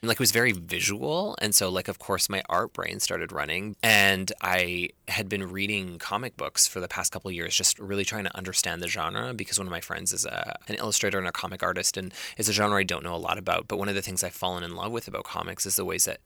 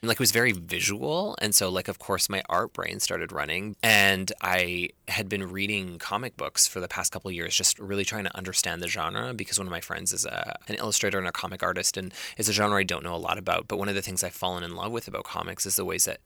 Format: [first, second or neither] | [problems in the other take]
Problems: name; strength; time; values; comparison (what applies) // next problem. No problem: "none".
neither | none